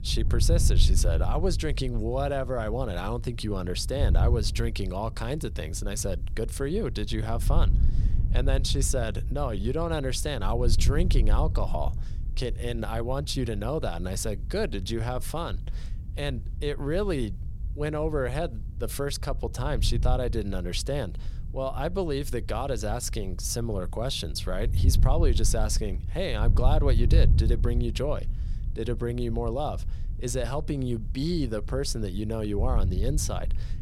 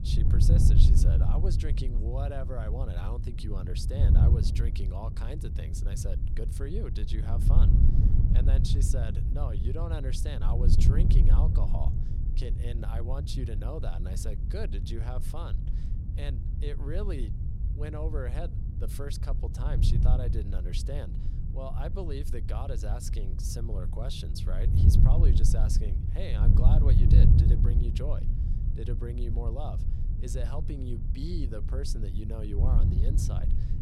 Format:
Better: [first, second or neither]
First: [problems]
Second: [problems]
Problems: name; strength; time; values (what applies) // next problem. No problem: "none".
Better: first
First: wind noise on the microphone; occasional gusts; 15 dB below the speech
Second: wind noise on the microphone; heavy; 2 dB below the speech